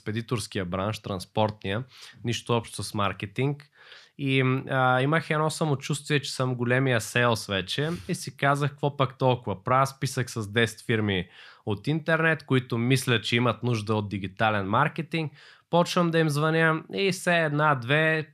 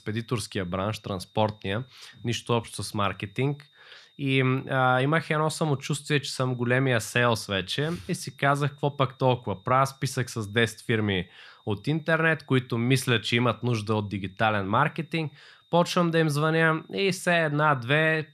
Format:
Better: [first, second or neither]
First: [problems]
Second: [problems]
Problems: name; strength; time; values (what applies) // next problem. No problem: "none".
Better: first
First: none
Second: high-pitched whine; faint; throughout; 3.5 kHz, 35 dB below the speech